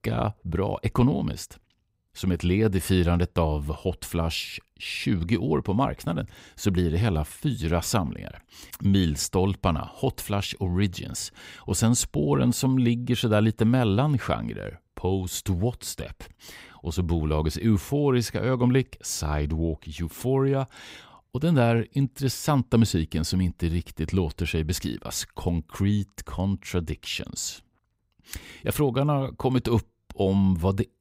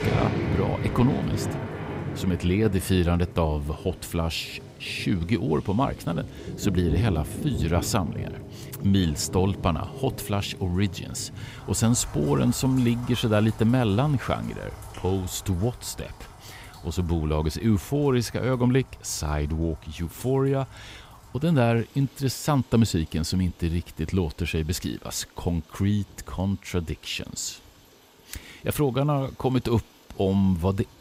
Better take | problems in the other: first | rain or running water; loud; throughout; 10 dB below the speech

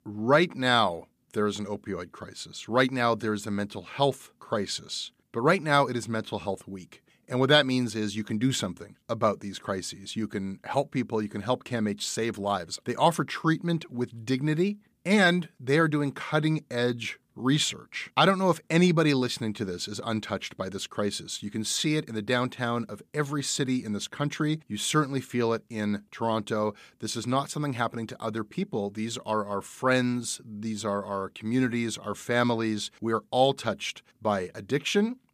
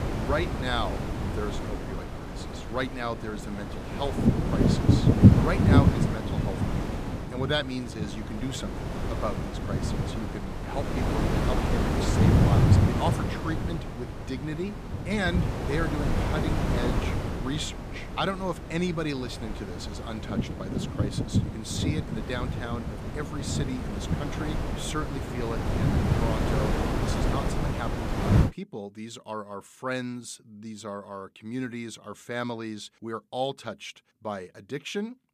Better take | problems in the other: first | wind noise on the microphone; heavy; until 28 s; 1 dB above the speech

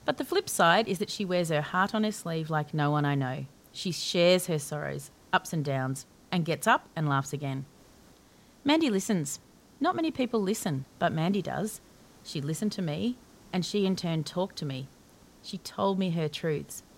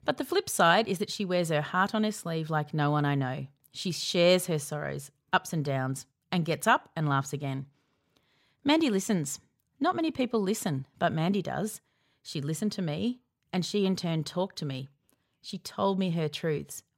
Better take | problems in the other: second | hiss; faint; throughout; 25 dB below the speech

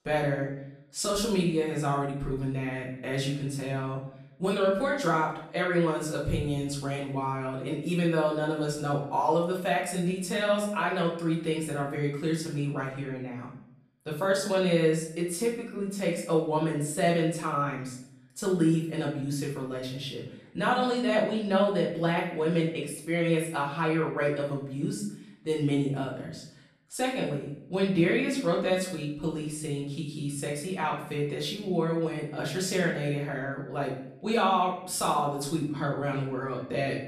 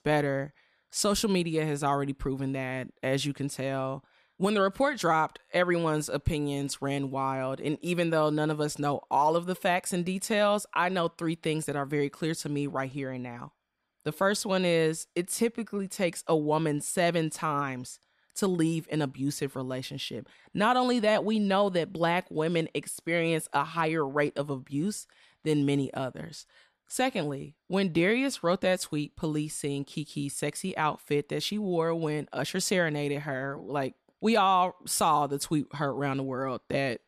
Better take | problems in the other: second | off-mic speech; far // room echo; noticeable; dies away in 0.6 s

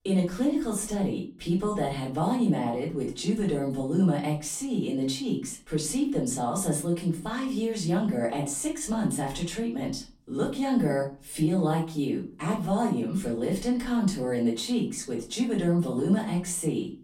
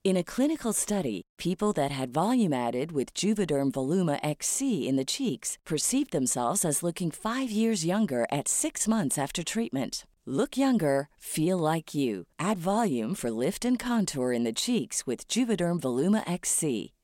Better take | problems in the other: second | off-mic speech; far // room echo; slight; dies away in 0.4 s

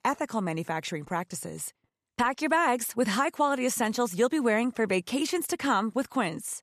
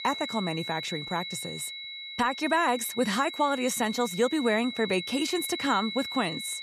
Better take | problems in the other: first | high-pitched whine; loud; throughout; 4 kHz, 7 dB below the speech

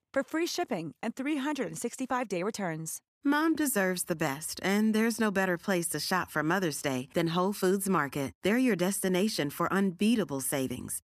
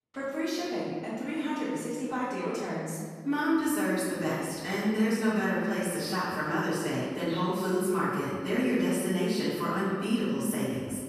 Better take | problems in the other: first | room echo; strong; dies away in 1.6 s // off-mic speech; far

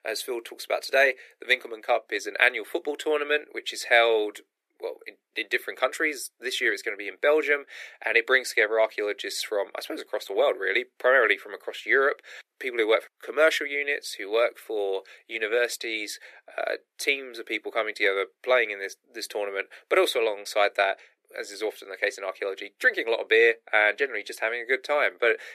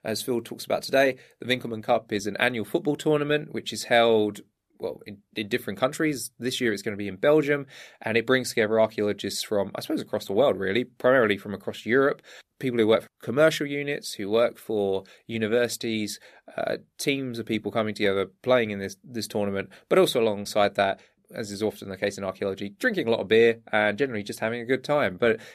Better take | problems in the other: second | thin; very; fading below 350 Hz

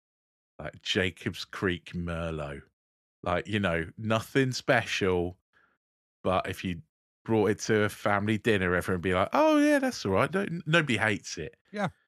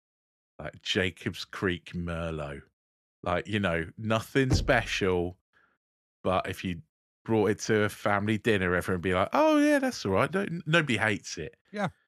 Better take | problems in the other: first | door banging; noticeable; at 4.5 s; peak 3 dB below the speech

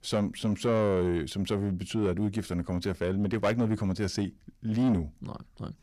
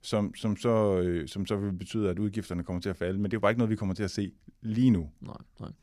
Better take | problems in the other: second | distortion; slight; 10 dB below the speech

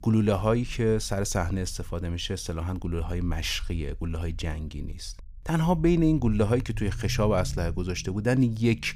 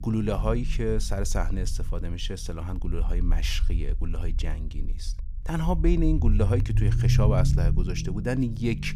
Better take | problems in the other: first | low rumble; loud; throughout; 9 dB below the speech; faint in the first

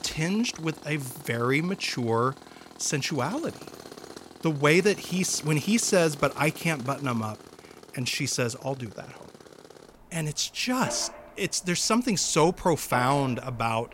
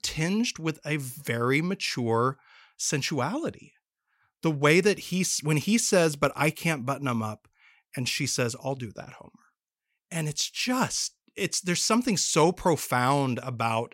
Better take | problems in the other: second | machinery noise; noticeable; throughout; 15 dB below the speech

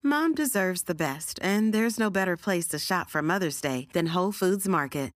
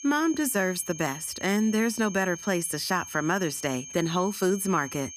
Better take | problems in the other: first | high-pitched whine; noticeable; throughout; 6.5 kHz, 10 dB below the speech

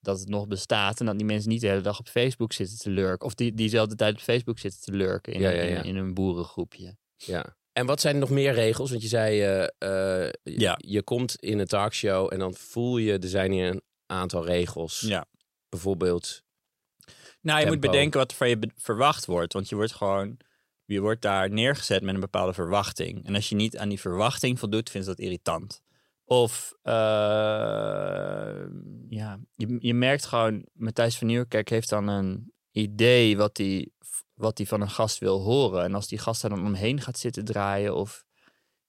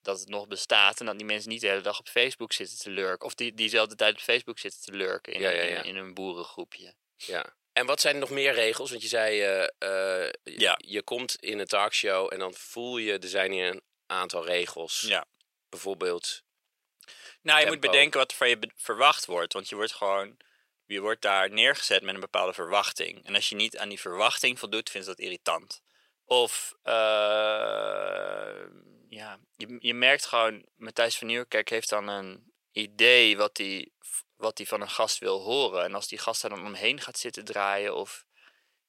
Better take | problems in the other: first | thin; very; fading below 500 Hz

